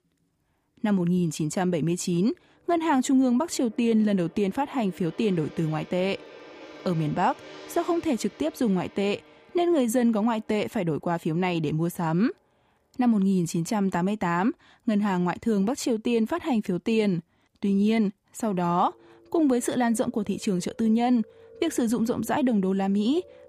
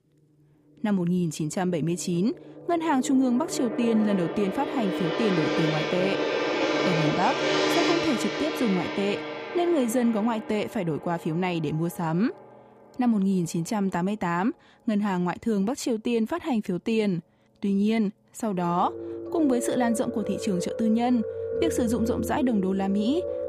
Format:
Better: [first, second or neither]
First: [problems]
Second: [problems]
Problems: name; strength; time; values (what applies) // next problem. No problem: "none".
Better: first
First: background music; faint; throughout; 25 dB below the speech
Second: background music; loud; throughout; 3 dB below the speech